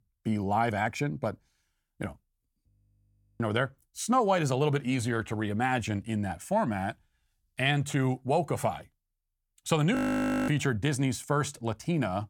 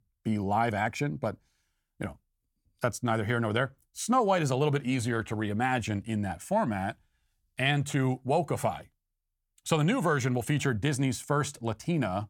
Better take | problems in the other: second | audio freezing; at 2.5 s for 0.5 s and at 10 s for 0.5 s

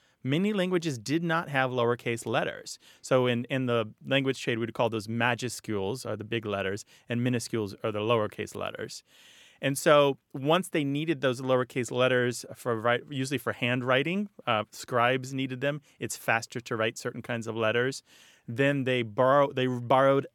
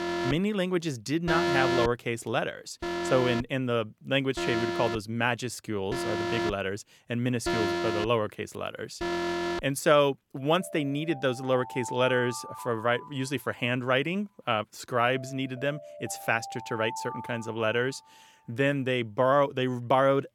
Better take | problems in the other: first | alarms or sirens; loud; throughout; 5 dB below the speech

